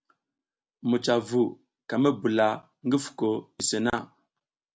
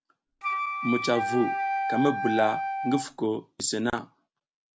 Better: first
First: none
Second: background sound (Wind instrument, woodwind instrument); 1 dB below the speech

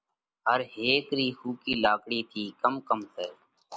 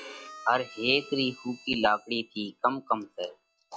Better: first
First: none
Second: noise reduction (classical method log-MMSE)

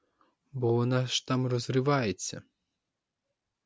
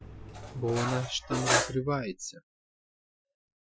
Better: first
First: none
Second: noise reduction (classical method Wiener filter)

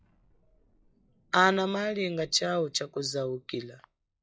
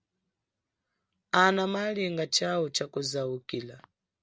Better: second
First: noise reduction (classical method log-MMSE)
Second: none

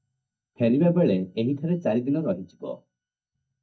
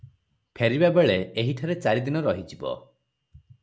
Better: second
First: noise reduction (neural mask model DeepFilterNet 3)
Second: none

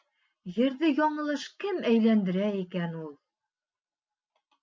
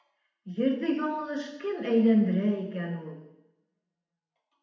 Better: first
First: none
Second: room echo; dies away in 0.8 s

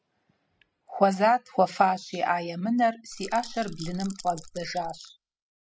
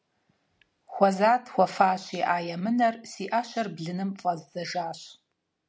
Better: second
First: noise reduction (classical method spectral subtraction)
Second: none

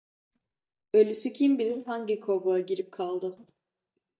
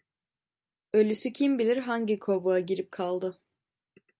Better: second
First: noise reduction (neural mask model DeepFilterNet 3)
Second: none

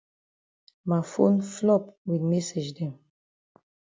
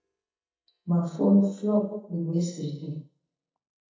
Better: first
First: none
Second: noise reduction (neural mask model DeepFilterNet 3)

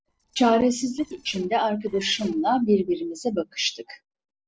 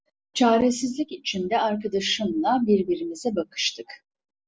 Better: second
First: noise reduction (neural separator model SepFormer DNS4)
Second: none

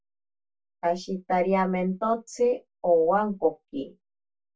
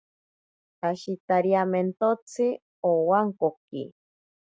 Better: second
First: room echo; dies away in 0.1 s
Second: none

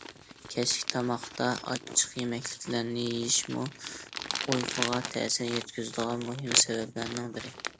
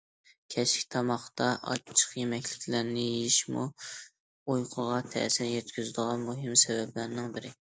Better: second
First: background sound (Crumpling, crinkling); 7 dB below the speech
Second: none

